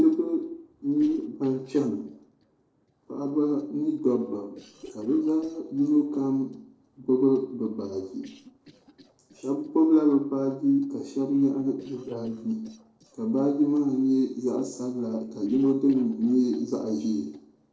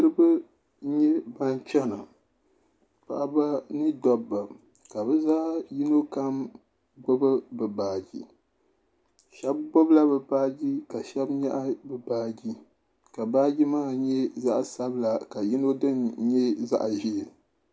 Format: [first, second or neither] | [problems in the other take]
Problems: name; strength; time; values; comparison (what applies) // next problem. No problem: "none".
second | noise reduction (neural separator model SepFormer DNS4)